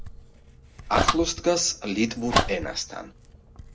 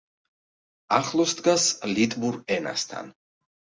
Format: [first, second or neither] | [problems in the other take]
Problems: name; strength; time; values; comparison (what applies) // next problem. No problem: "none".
second | background sound (Dog + Domestic sounds, home sounds); 2 dB below the speech